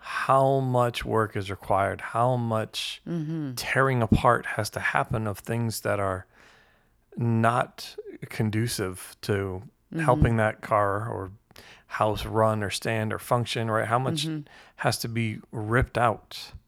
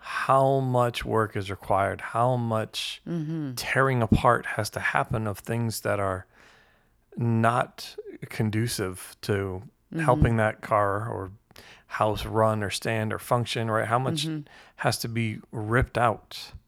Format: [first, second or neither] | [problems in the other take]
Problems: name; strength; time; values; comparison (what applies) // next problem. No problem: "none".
neither | none